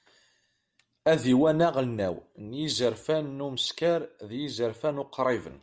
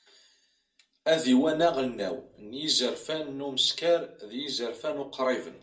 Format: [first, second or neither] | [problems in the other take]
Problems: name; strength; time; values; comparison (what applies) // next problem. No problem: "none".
first | room echo; dies away in 0.2 s